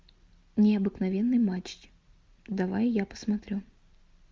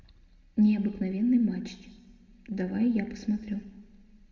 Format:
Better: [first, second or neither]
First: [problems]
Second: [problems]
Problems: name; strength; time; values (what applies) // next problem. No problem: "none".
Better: first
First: none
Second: room echo; dies away in 1.4 s